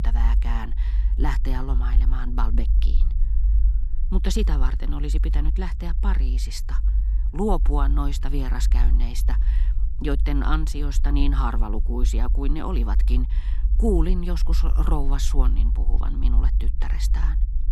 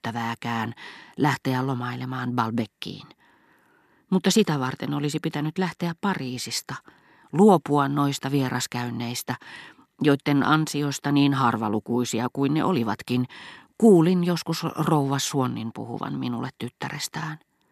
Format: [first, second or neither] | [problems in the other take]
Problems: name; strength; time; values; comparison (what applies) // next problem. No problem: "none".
second | low rumble; noticeable; throughout; 15 dB below the speech